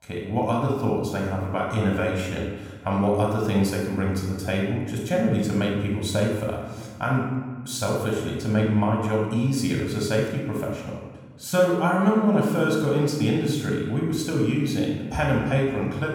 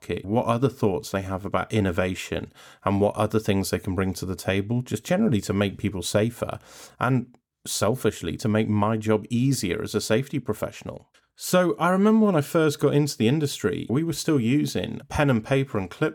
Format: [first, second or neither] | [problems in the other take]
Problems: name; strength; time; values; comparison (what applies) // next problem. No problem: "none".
second | off-mic speech; somewhat distant // room echo; noticeable; dies away in 1.2 s